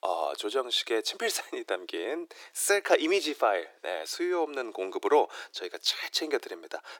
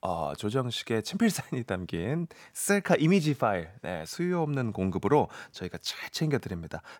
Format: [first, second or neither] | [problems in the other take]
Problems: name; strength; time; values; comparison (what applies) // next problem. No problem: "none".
second | thin; very; fading below 350 Hz